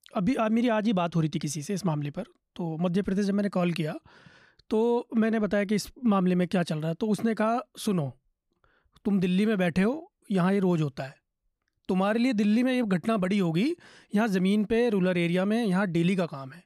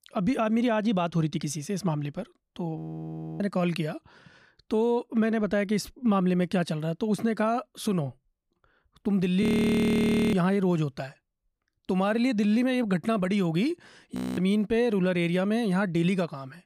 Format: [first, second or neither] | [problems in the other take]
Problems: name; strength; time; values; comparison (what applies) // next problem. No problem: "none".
first | audio freezing; at 3 s for 0.5 s, at 9.5 s for 1 s and at 14 s